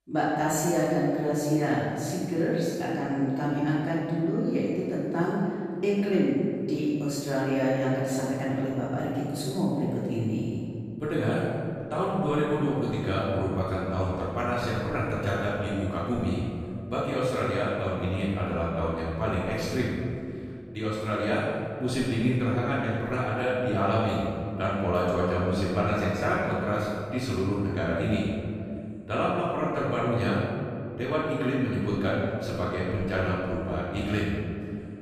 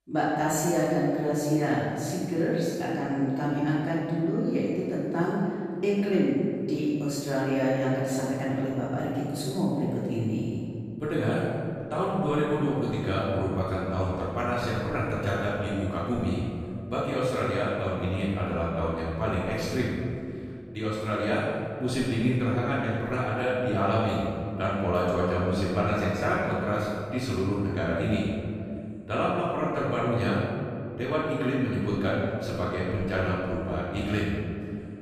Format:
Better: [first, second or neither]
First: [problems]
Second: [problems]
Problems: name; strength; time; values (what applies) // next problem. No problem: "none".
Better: neither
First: room echo; strong; dies away in 2.1 s // off-mic speech; far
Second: room echo; strong; dies away in 2.1 s // off-mic speech; far